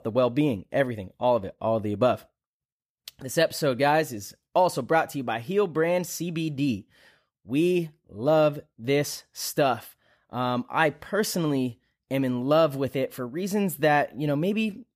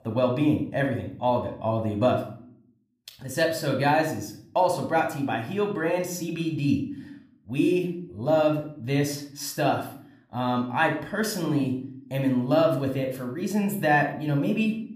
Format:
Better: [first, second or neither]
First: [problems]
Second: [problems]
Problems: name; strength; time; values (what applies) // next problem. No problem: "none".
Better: first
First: none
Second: room echo; slight; dies away in 0.5 s